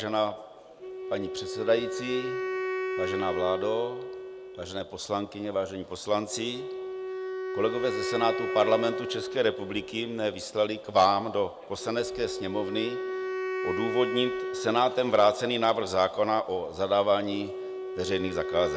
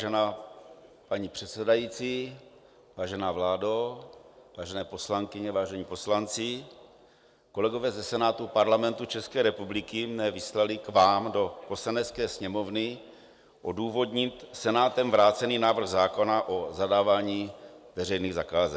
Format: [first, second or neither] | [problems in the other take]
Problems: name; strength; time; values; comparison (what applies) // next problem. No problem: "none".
second | background sound (Wind instrument, woodwind instrument); 6 dB below the speech